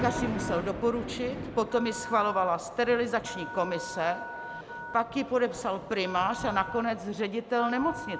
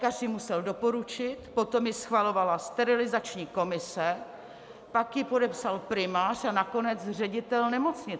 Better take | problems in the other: second | background sound (Telephone + Thunder); 9 dB below the speech

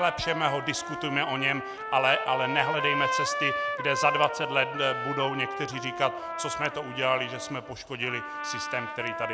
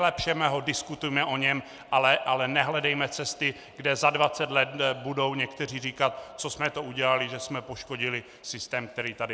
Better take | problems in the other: second | background sound (Trumpet); 4 dB below the speech

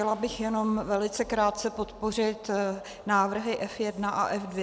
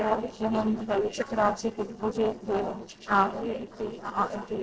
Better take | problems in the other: first | noise reduction (neural separator model SepFormer DNS4)

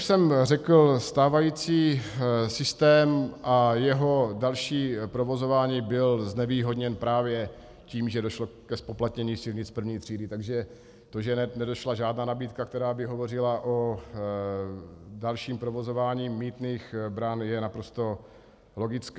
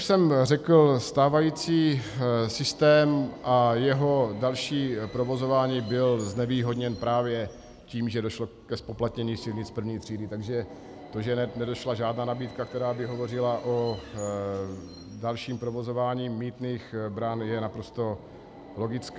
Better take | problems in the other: first | background sound (Subway, metro, underground); 19 dB below the speech

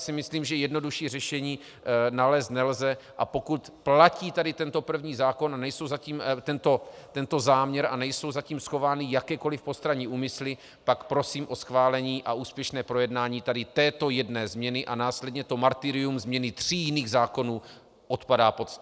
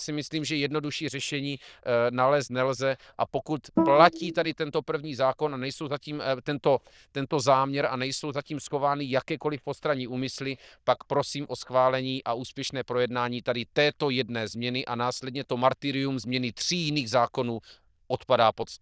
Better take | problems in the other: first | noise reduction (neural diffusion model UNIVERSE++)

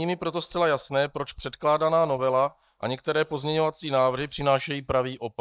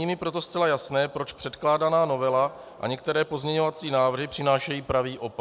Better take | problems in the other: second | noise reduction (neural mask model DeepFilterNet 3)

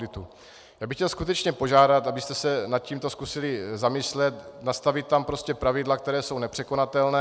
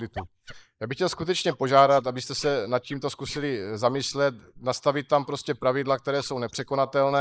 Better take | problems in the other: first | noise reduction (neural mask model Resemble Enhance denoiser)

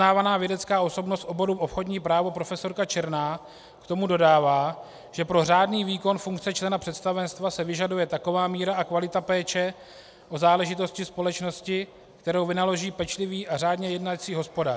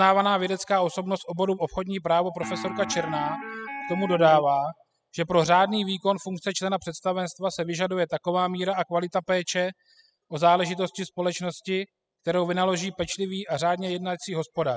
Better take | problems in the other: first | noise reduction (classical method spectral subtraction)

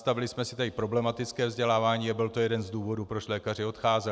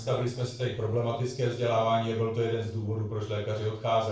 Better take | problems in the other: first | noise reduction (neural separator model SepFormer DNS4)

